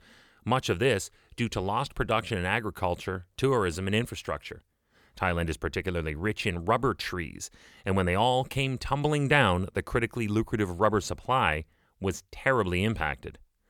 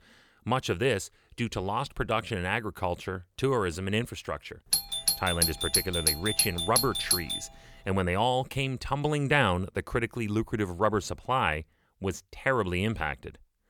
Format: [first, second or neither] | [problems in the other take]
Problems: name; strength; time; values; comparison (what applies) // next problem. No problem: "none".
first | doorbell; loud; from 4.5 to 7.5 s; peak 5 dB above the speech